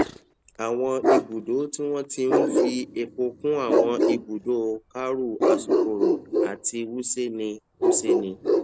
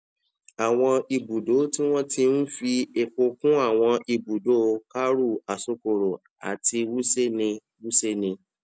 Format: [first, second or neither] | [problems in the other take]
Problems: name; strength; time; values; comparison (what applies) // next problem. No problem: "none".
second | background sound (Bark); 3 dB above the speech